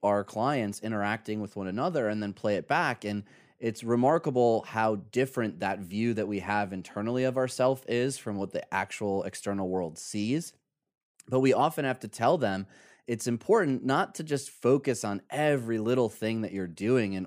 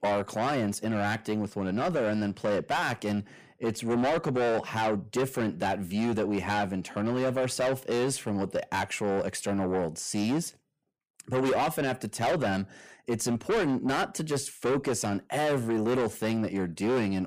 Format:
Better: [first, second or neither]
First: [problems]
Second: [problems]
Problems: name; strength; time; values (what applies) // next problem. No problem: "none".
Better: first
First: none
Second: distortion; heavy; 6 dB below the speech